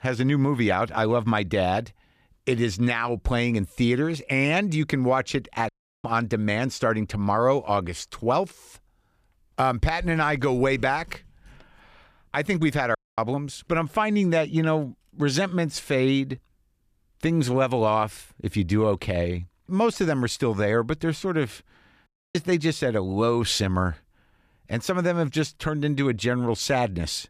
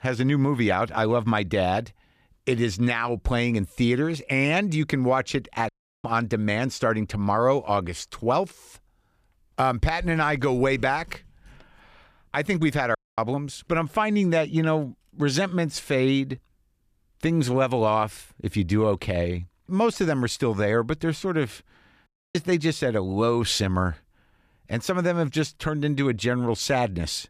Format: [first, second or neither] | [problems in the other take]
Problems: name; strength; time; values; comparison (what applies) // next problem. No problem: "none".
neither | audio cutting out; at 5.5 s, at 13 s and at 22 s; the same in both